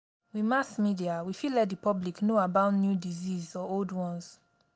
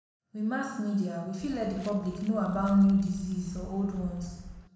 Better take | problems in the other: first | background sound (Walk, footsteps); 17 dB below the speech // room echo; dies away in 1 s

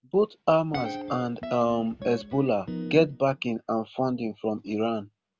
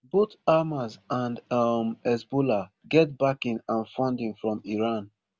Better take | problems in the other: second | background sound (Guitar); 12 dB below the speech

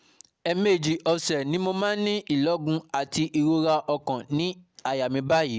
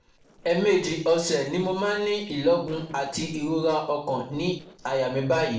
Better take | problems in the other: first | noise reduction (neural separator model SepFormer DNS4)

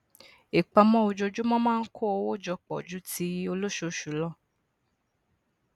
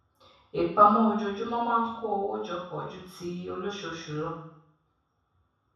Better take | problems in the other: first | room echo; dies away in 0.7 s

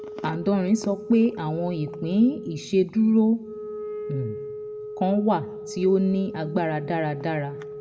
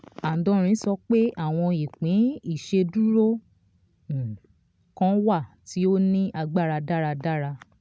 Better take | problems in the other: second | background sound (Wind instrument, woodwind instrument); 12 dB below the speech // room echo; dies away in 0.7 s

